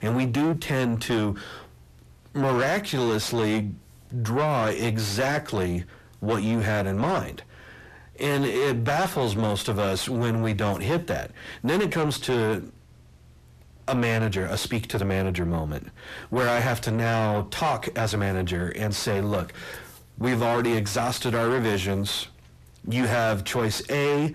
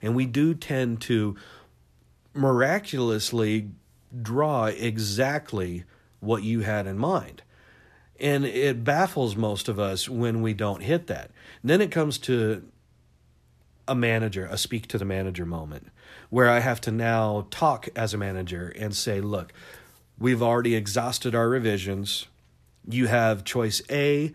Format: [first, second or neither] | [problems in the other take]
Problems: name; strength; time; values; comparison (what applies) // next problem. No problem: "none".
second | distortion; heavy; 6 dB below the speech